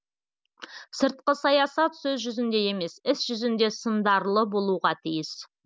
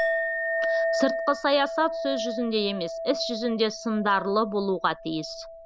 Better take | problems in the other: first | background sound (Chink, clink); 4 dB below the speech

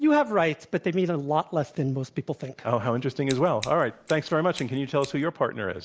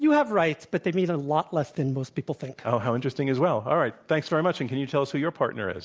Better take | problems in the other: second | background sound (Scissors); 17 dB below the speech

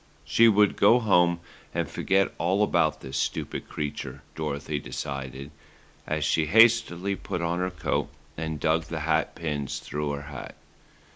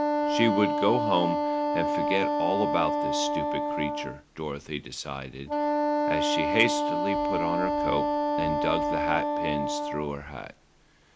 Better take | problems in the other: first | background sound (Wind instrument, woodwind instrument); 3 dB above the speech

